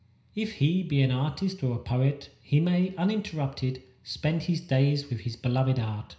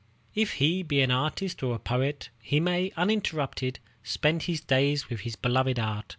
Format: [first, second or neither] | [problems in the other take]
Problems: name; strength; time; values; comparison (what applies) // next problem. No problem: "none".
second | room echo; dies away in 0.5 s